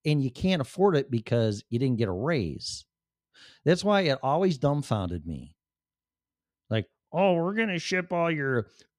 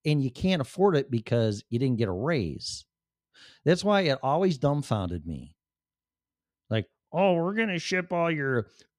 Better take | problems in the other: neither | none

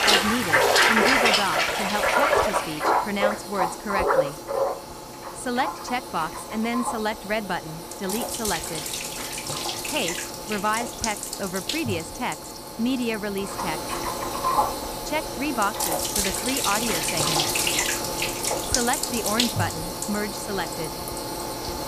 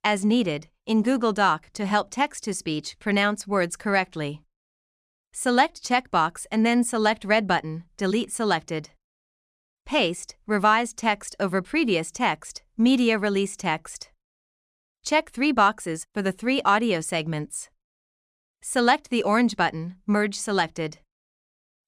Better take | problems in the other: second | household noises; very loud; throughout; 5 dB above the speech

